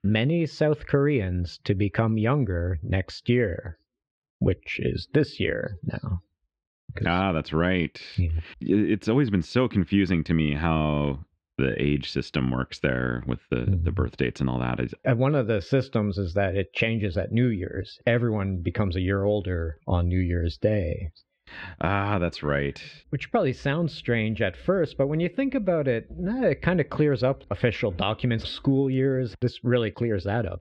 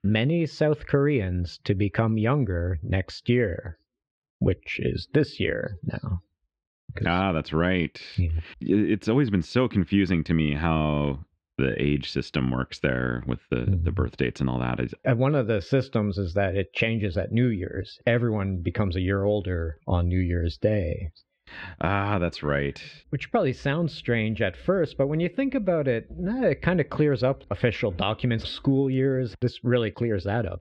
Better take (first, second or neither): neither